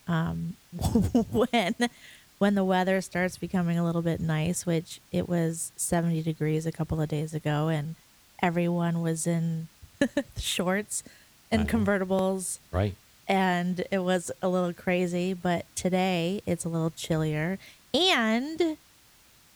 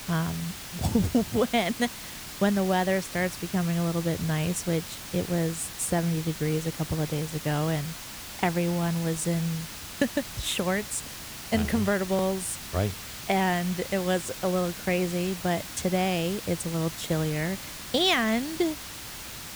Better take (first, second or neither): first